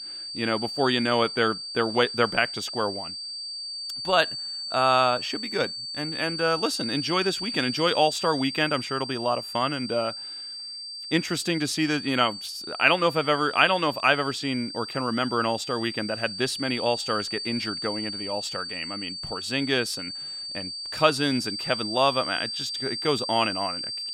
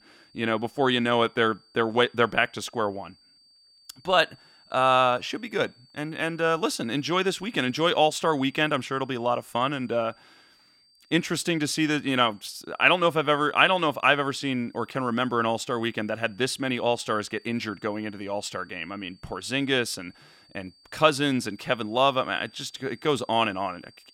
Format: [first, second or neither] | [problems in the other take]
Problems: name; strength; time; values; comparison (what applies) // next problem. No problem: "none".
second | high-pitched whine; loud; throughout; 4.5 kHz, 6 dB below the speech; faint in the second